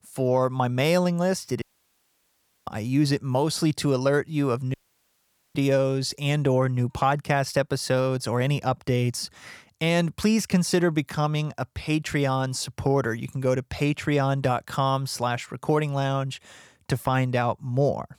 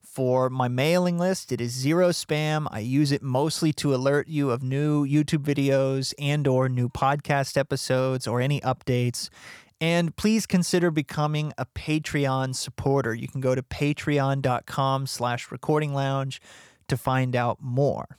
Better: second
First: audio cutting out; at 1.5 s for 1 s and at 4.5 s for 1 s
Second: none

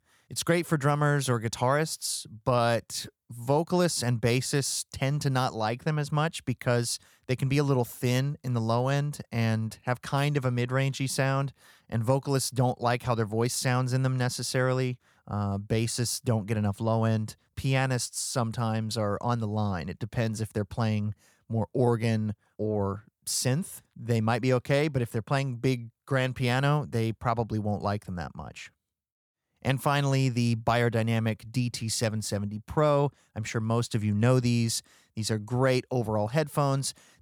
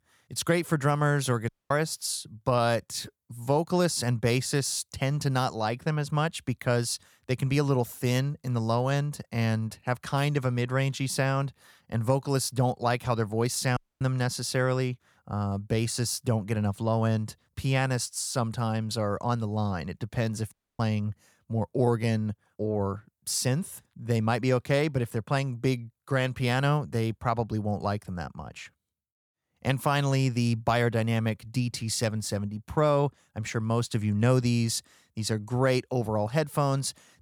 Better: first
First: none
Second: audio cutting out; at 1.5 s, at 14 s and at 21 s

